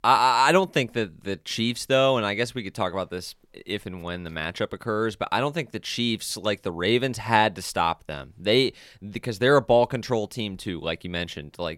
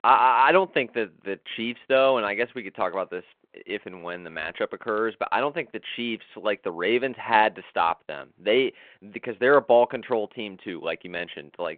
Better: first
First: none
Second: phone-call audio

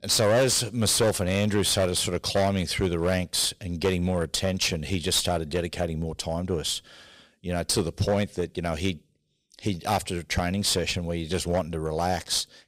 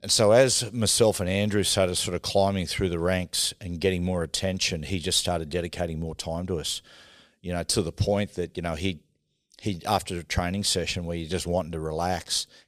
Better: second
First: distortion; slight; 7% of the sound clipped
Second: none

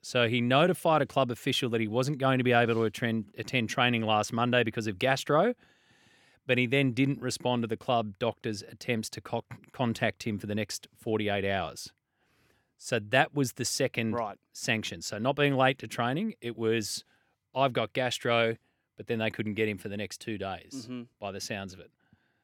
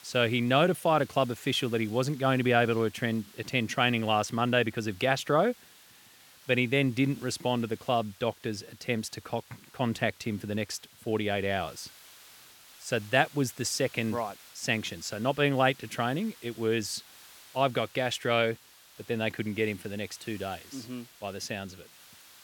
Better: first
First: none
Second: hiss; faint; throughout; 20 dB below the speech

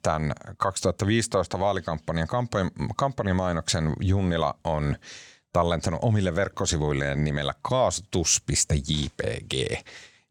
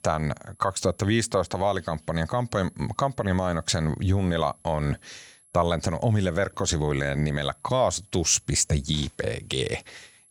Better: first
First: none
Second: high-pitched whine; faint; throughout; 11 kHz, 30 dB below the speech

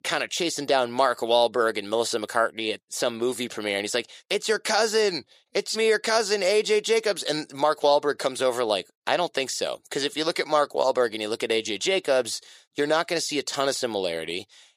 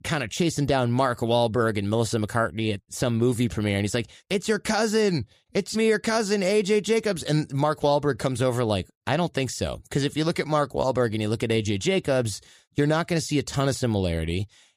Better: second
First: thin; somewhat; fading below 500 Hz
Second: none

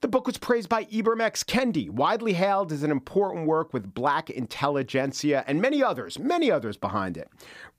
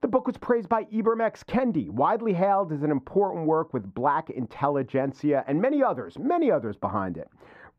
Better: first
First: none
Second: muffled; very; fading above 2.5 kHz

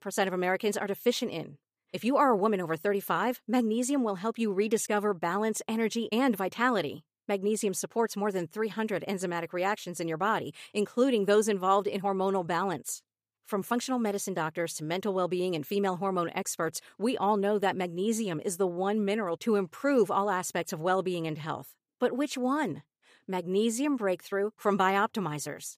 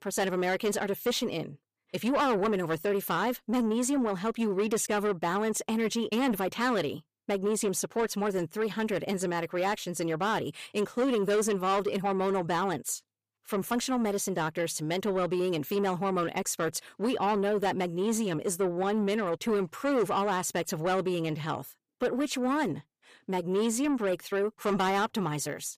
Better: first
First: none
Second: distortion; slight; 10 dB below the speech

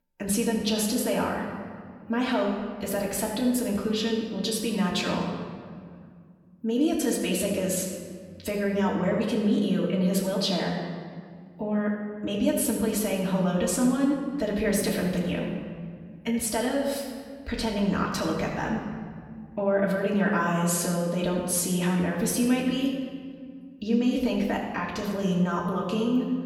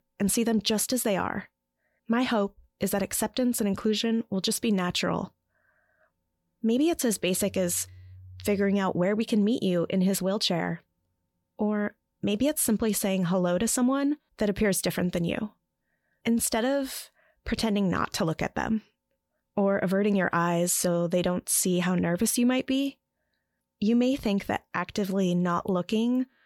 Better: second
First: off-mic speech; far // room echo; noticeable; dies away in 1.6 s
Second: none

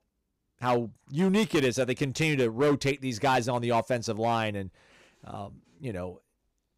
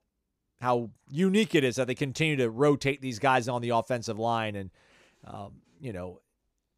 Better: second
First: distortion; slight; 5% of the sound clipped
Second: none

